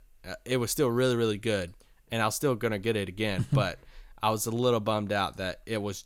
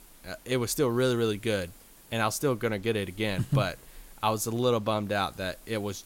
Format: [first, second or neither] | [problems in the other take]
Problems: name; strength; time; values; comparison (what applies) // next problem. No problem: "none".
first | hiss; faint; throughout; 25 dB below the speech